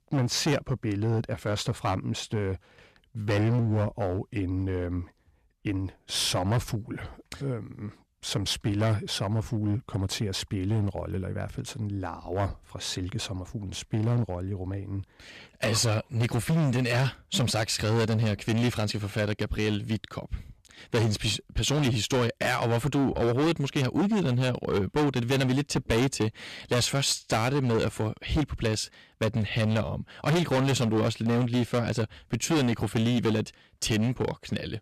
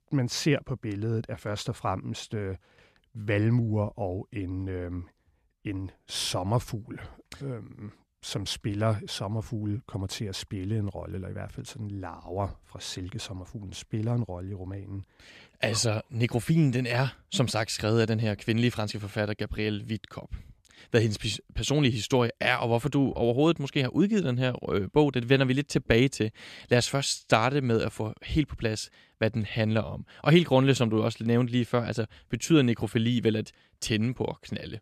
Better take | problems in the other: second | distortion; heavy; 12% of the sound clipped

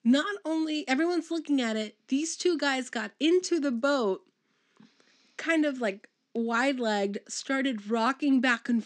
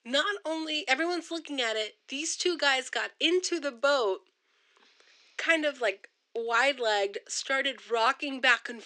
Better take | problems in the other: first | thin; very; fading below 400 Hz

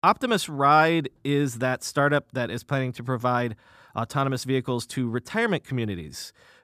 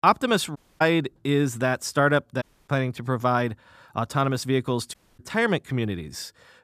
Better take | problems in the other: first | audio cutting out; at 0.5 s, at 2.5 s and at 5 s

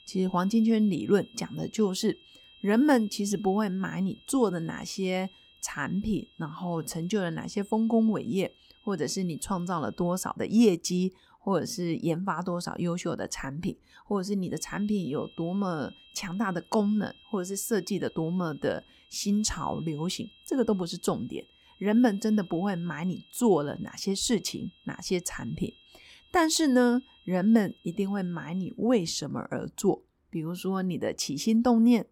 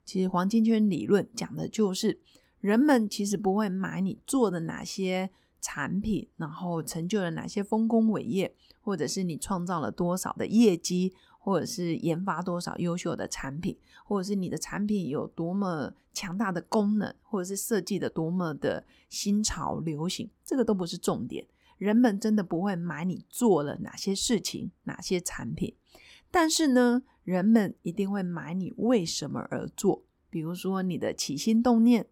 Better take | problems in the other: second | high-pitched whine; faint; until 10 s and from 15 to 29 s; 3 kHz, 25 dB below the speech

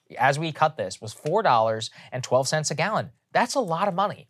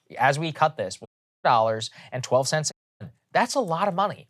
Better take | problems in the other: first | audio cutting out; at 1 s and at 2.5 s

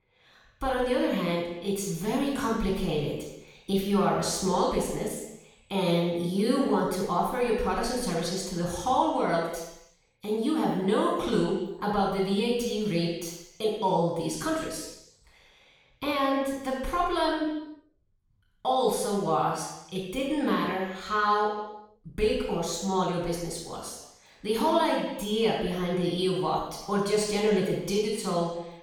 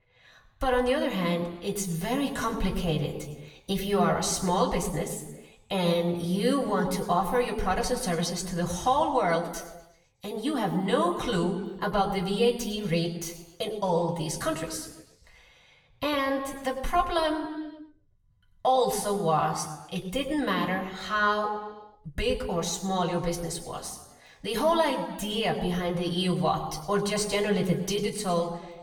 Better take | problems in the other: second | room echo; strong; dies away in 0.9 s; slight in the second // off-mic speech; far; somewhat distant in the second

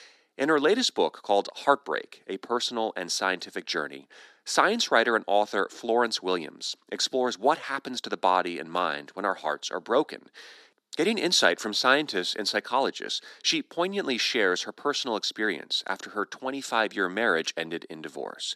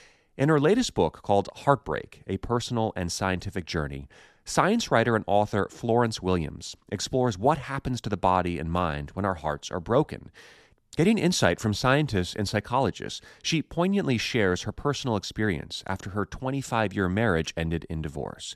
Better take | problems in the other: second | thin; somewhat; fading below 250 Hz

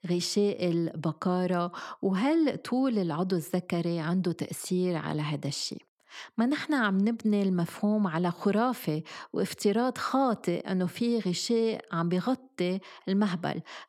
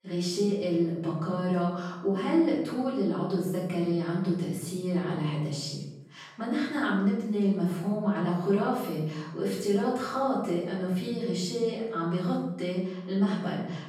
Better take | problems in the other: first | room echo; noticeable; dies away in 0.8 s // off-mic speech; far

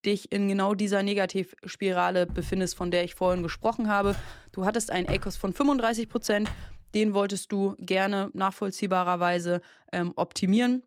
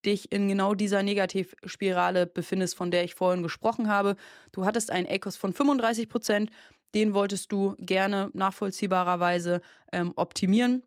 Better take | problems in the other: second | footsteps; noticeable; from 2.5 to 7 s; peak 9 dB below the speech

